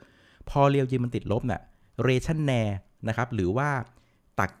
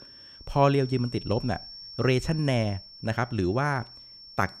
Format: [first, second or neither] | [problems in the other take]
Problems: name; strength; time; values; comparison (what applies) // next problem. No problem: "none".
first | high-pitched whine; noticeable; throughout; 5.5 kHz, 15 dB below the speech